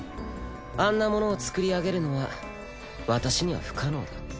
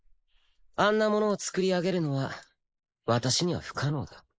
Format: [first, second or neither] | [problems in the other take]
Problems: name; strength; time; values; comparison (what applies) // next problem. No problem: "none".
first | noise reduction (neural mask model Resemble Enhance denoiser)